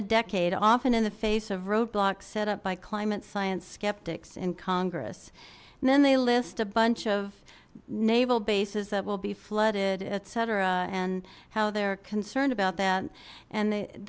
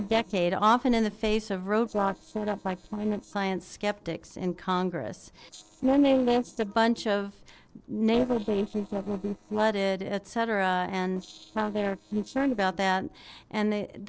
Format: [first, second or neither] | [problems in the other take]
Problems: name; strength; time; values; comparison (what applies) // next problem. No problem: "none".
first | noise reduction (neural separator model SepFormer DNS4)